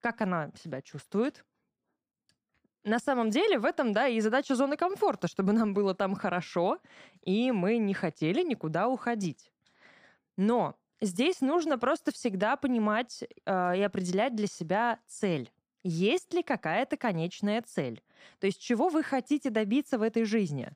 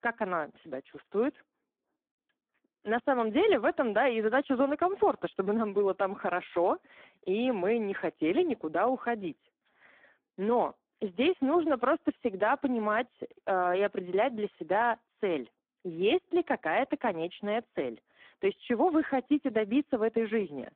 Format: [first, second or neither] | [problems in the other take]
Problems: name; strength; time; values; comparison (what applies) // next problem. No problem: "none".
first | phone-call audio; poor line